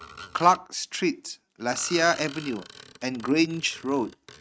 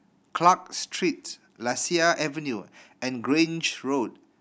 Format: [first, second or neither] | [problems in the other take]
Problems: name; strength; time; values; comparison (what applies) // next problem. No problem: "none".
second | noise reduction (neural mask model RNNoise)